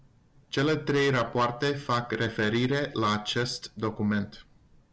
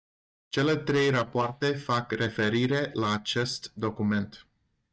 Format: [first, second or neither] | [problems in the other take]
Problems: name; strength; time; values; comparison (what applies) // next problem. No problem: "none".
first | noise reduction (neural mask model DeepFilterNet 3)